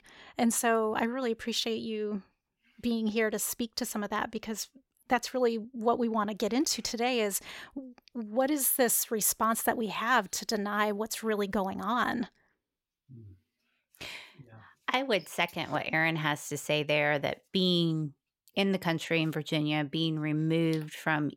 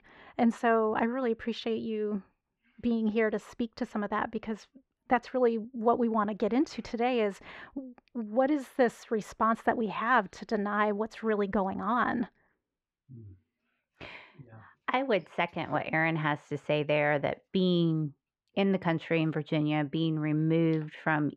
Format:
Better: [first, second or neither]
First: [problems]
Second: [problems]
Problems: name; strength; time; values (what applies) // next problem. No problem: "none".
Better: first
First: none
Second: muffled; very; fading above 2 kHz